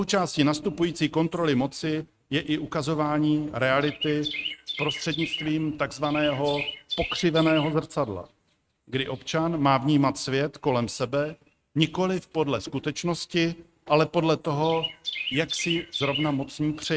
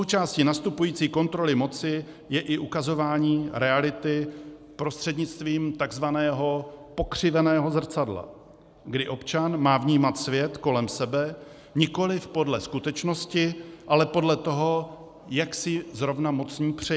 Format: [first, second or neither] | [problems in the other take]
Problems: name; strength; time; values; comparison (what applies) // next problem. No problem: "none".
second | noise reduction (neural mask model RNNoise)